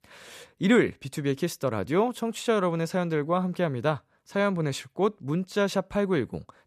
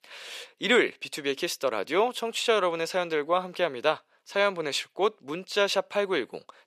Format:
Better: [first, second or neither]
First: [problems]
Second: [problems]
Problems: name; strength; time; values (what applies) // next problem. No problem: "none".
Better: first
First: none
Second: thin; somewhat; fading below 450 Hz